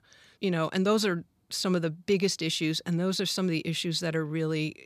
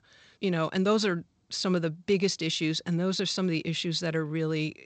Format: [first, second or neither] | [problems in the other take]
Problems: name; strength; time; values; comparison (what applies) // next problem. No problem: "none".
first | garbled, watery; slightly; nothing above 8 kHz